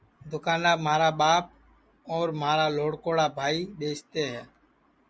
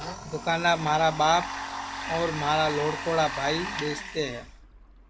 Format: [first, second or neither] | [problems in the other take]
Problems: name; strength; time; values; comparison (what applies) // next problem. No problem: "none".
first | background sound (Domestic sounds, home sounds); 8 dB below the speech